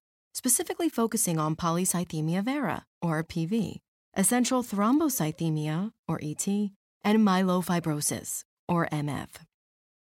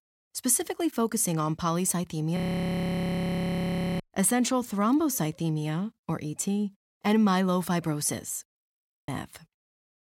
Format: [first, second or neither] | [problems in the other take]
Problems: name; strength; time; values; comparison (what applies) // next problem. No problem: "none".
first | audio freezing; at 2.5 s for 1.5 s and at 8.5 s for 0.5 s